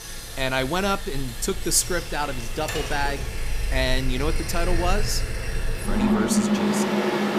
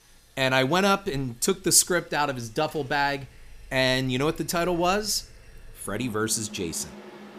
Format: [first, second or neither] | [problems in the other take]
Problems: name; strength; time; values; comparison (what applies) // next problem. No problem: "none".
second | machinery noise; loud; throughout; 1 dB below the speech; faint in the second